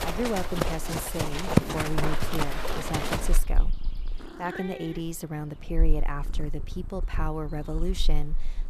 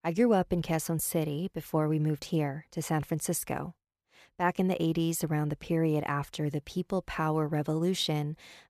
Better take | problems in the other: second | animal sounds; very loud; throughout; 3 dB above the speech

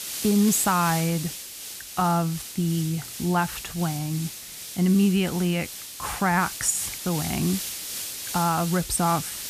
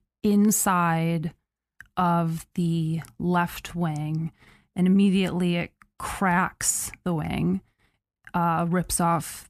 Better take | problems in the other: second | hiss; loud; throughout; 8 dB below the speech

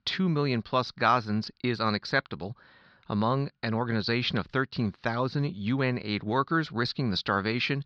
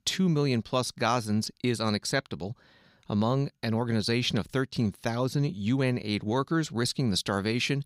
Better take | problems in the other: second | muffled; very slightly; fading above 4.5 kHz

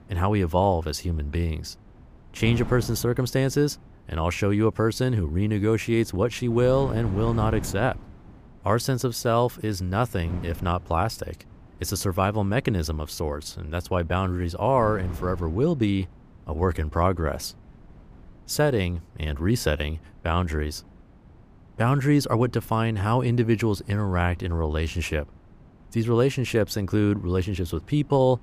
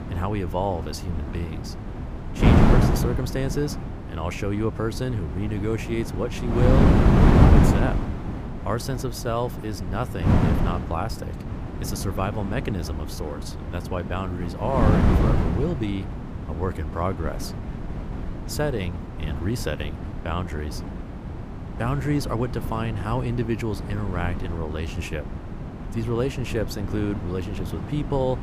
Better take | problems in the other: first | wind noise on the microphone; heavy; 2 dB below the speech; occasional gusts in the first

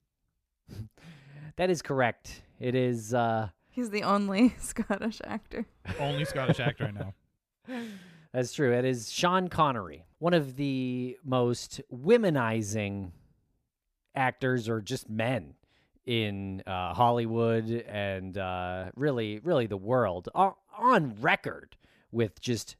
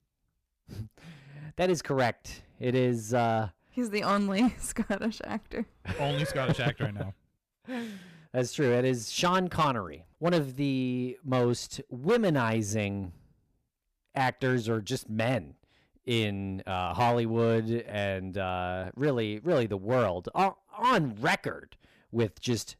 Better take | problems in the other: first | distortion; slight; 4% of the sound clipped

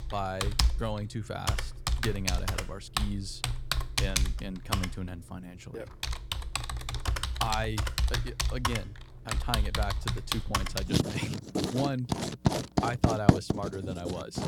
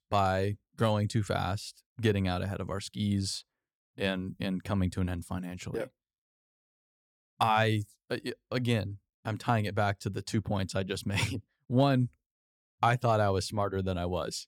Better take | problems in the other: second | household noises; very loud; throughout; 5 dB above the speech

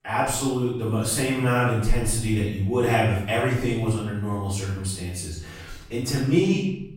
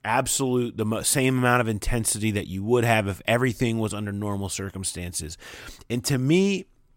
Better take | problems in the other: second | off-mic speech; far // room echo; noticeable; dies away in 0.8 s

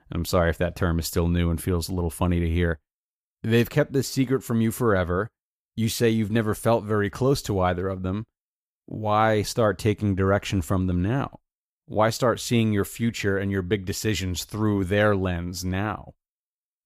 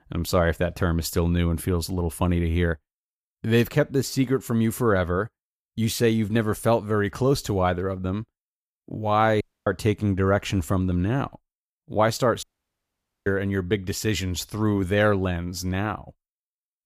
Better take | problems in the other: first | audio cutting out; at 9.5 s and at 12 s for 1 s

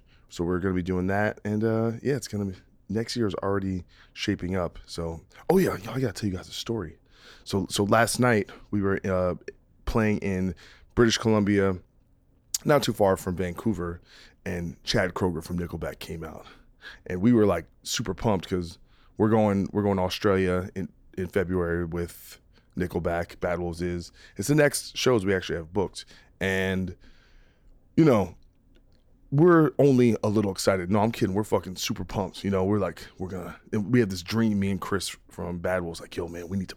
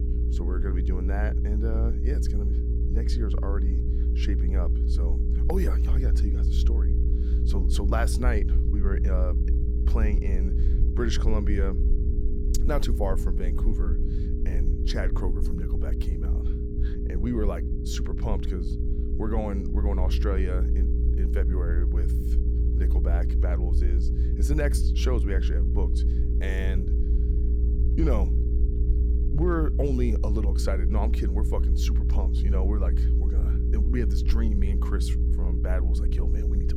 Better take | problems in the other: first | low rumble; loud; throughout; 5 dB below the speech

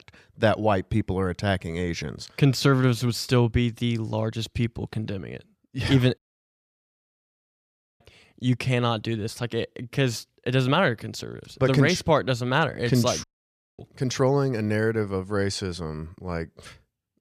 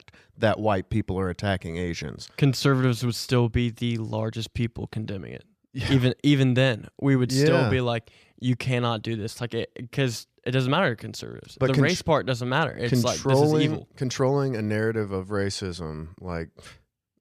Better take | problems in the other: second | audio cutting out; at 6 s for 2 s and at 13 s for 0.5 s

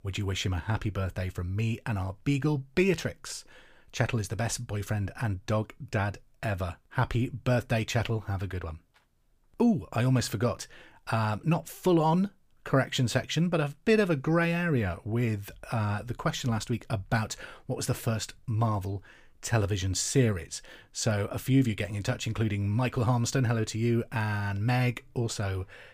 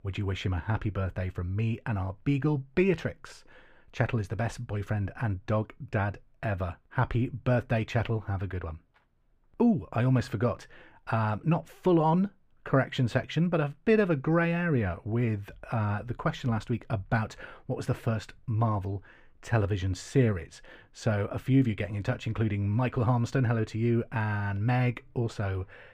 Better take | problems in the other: first | muffled; slightly; fading above 3.5 kHz

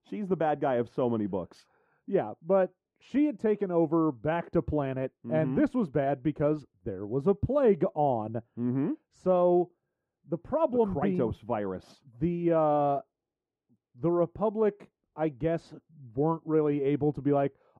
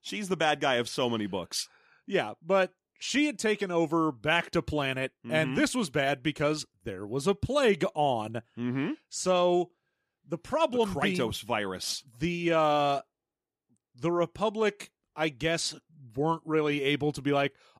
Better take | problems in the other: second | muffled; very; fading above 2 kHz

